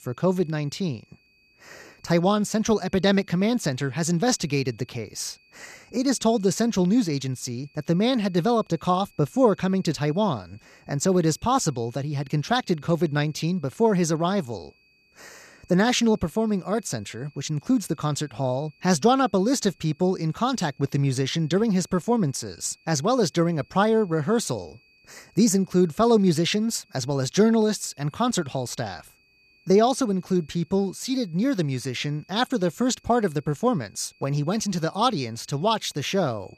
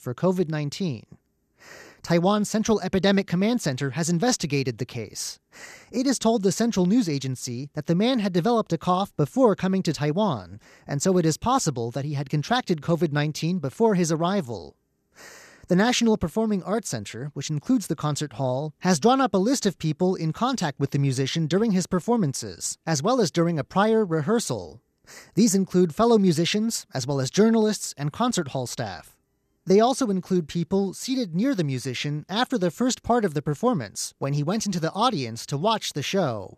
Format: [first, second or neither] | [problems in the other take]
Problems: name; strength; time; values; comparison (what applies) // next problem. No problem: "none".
second | high-pitched whine; faint; throughout; 2.5 kHz, 35 dB below the speech